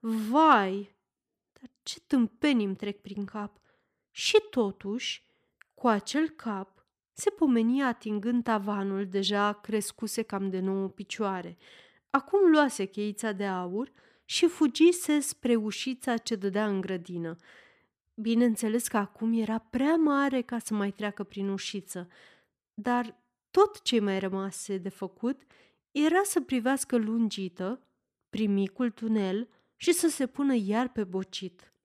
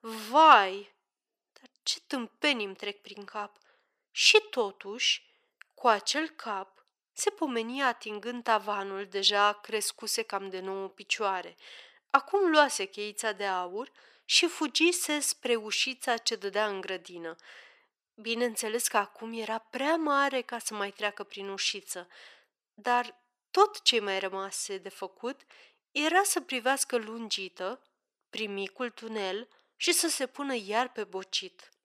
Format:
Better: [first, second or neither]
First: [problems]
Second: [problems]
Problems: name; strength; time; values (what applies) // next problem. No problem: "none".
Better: first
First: none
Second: thin; very; fading below 600 Hz